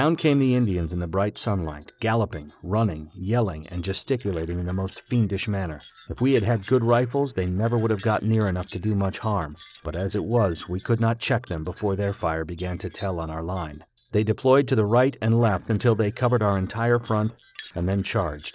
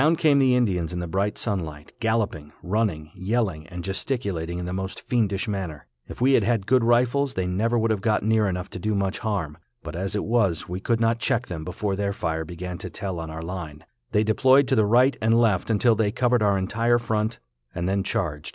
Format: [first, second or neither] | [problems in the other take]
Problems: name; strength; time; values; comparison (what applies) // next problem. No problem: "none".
second | noise reduction (neural separator model SepFormer DNS4)